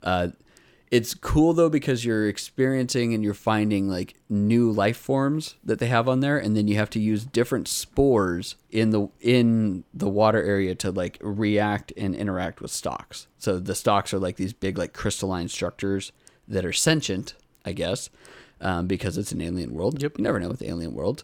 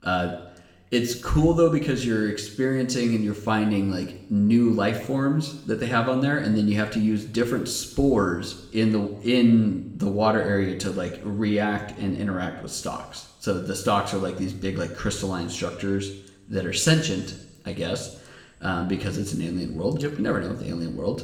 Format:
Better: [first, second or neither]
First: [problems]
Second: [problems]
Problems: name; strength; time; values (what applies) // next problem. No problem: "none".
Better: first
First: none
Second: room echo; slight; dies away in 0.8 s // off-mic speech; somewhat distant